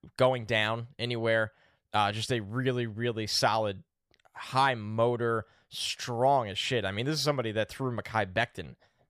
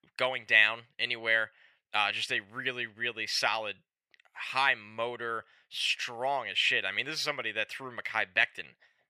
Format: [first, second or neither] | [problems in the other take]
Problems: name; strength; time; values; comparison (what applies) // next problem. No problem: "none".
first | thin; somewhat; fading below 1 kHz